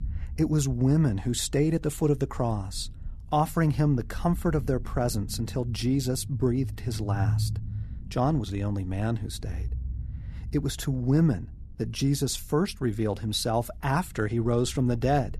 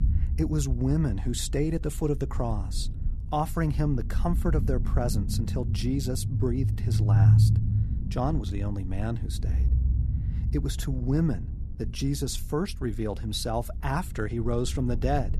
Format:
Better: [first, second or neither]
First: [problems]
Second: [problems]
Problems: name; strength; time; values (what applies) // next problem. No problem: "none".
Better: first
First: low rumble; faint; throughout; 20 dB below the speech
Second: low rumble; loud; throughout; 9 dB below the speech